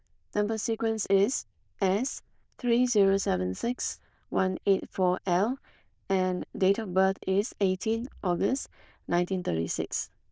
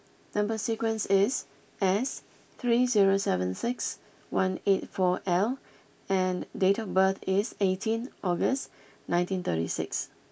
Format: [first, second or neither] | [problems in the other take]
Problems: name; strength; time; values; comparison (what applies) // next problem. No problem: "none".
second | noise reduction (neural diffusion model UNIVERSE++)